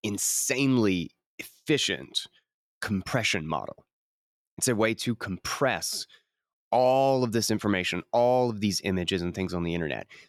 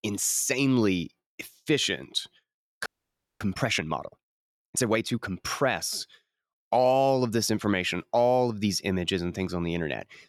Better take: first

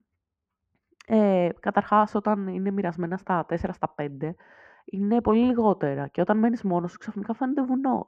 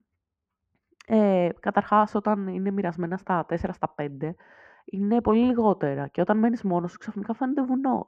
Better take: neither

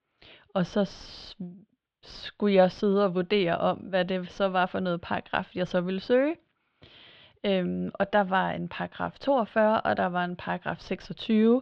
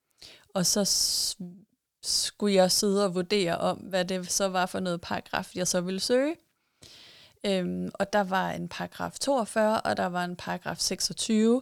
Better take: second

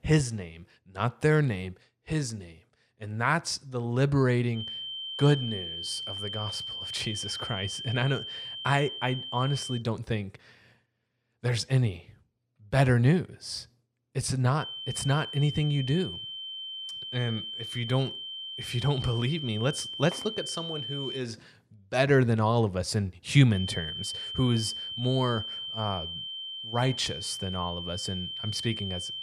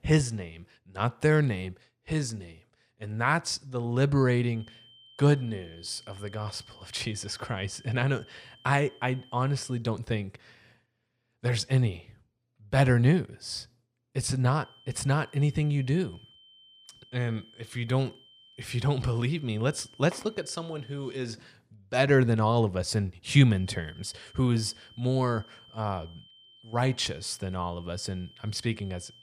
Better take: second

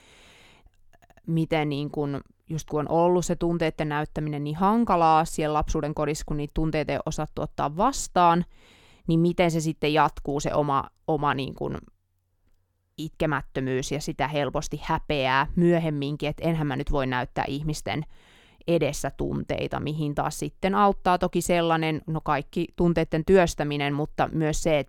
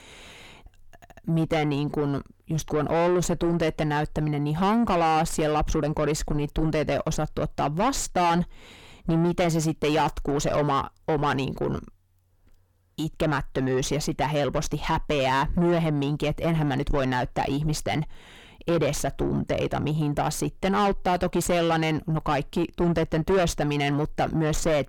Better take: first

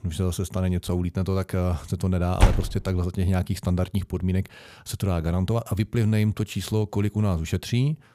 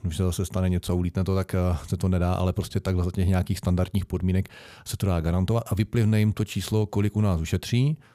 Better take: second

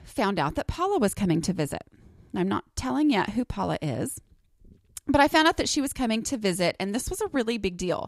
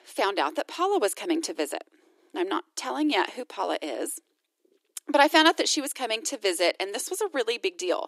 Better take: first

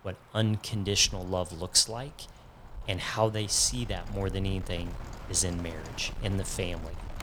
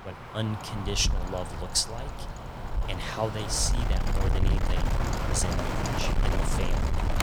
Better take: first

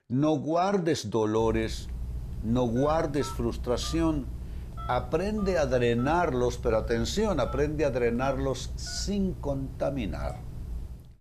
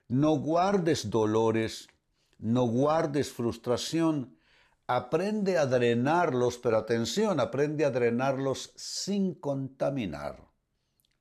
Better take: second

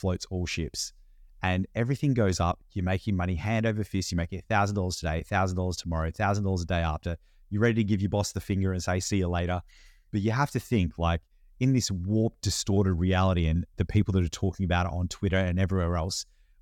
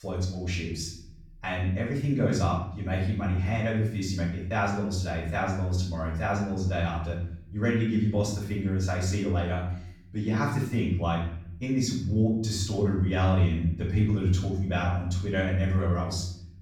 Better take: first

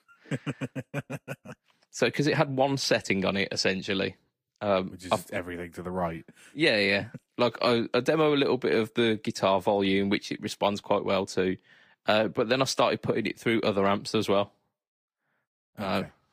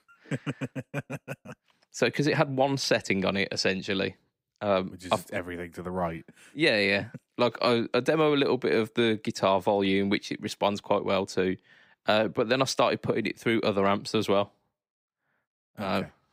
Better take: second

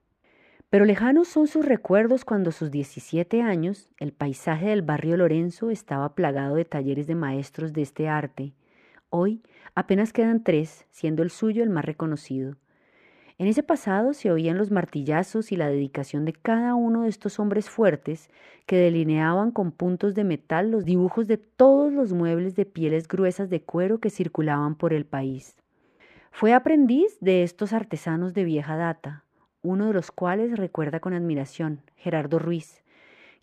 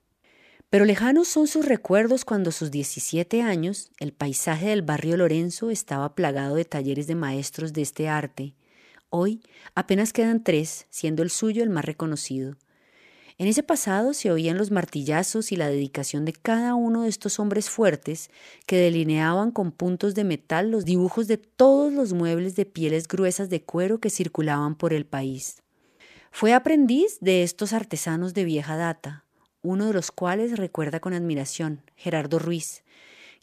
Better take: second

